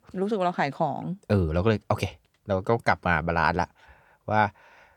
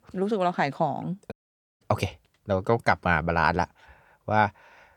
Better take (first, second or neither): first